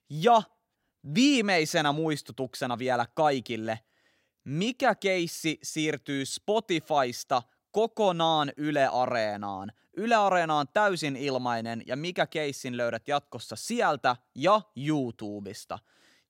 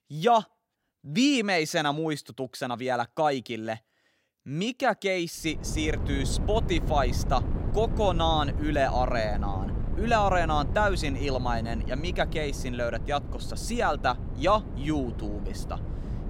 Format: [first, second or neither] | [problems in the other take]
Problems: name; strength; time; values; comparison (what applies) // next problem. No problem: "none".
first | wind noise on the microphone; occasional gusts; from 5.5 s on; 15 dB below the speech